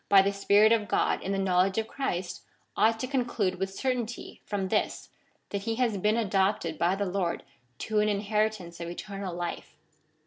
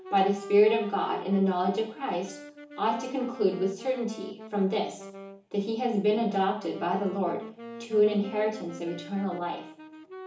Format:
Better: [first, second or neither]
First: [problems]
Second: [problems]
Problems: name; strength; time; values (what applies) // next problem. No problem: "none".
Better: first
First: none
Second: background sound (Wind instrument, woodwind instrument); 16 dB below the speech // room echo; dies away in 0.8 s